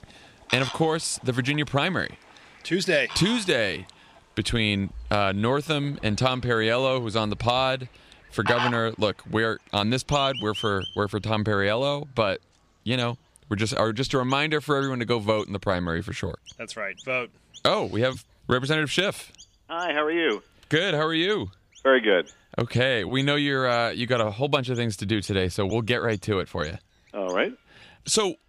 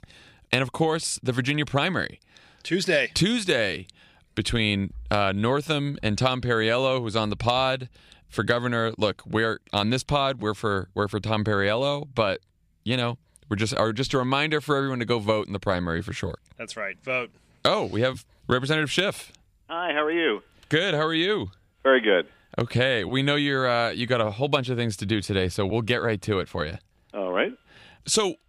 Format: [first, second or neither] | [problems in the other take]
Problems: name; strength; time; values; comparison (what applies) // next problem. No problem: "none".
second | animal sounds; noticeable; throughout; 15 dB below the speech